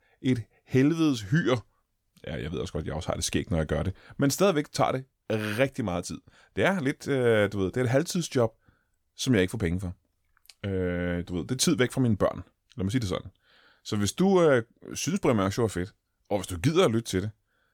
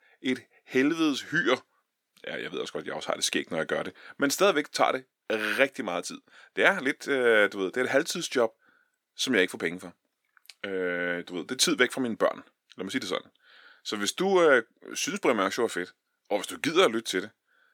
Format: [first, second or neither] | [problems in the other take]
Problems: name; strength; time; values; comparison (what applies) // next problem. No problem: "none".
first | thin; somewhat; fading below 250 Hz